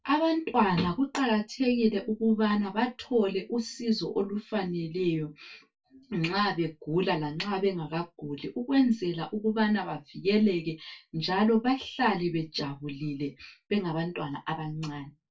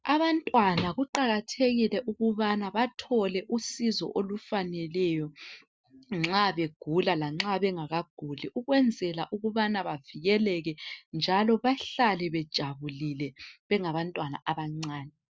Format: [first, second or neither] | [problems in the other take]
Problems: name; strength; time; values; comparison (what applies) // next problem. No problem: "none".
second | room echo; dies away in 0.2 s